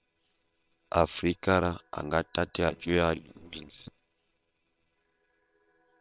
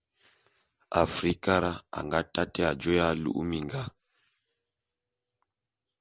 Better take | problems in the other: second | noise reduction (neural separator model SepFormer WHAM!)

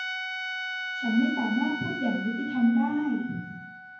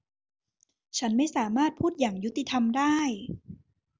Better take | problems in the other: second | background sound (Trumpet); 7 dB below the speech // room echo; dies away in 0.9 s

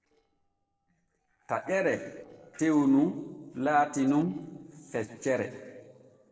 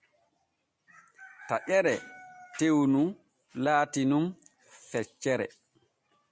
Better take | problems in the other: second | noise reduction (neural separator model SepFormer DNS4)

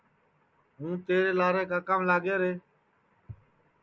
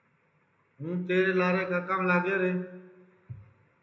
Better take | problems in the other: first | room echo; dies away in 0.8 s

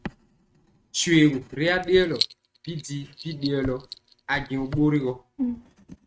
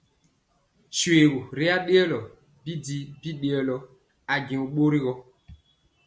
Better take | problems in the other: second | noise reduction (neural mask model RNNoise)

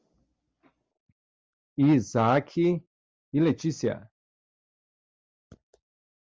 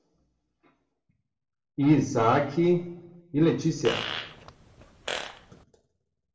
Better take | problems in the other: first | background sound (Fart); 9 dB below the speech // room echo; dies away in 0.6 s

